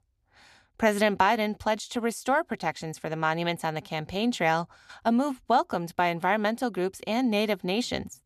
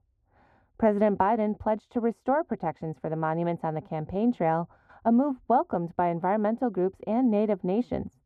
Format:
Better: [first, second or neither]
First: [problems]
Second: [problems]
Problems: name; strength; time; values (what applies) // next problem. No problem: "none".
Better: first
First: none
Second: muffled; very; fading above 2 kHz